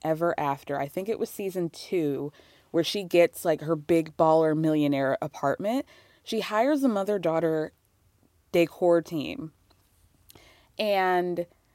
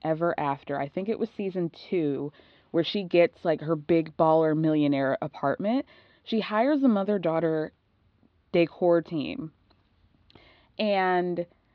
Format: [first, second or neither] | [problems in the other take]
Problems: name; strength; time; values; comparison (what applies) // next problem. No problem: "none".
first | muffled; very slightly; fading above 4 kHz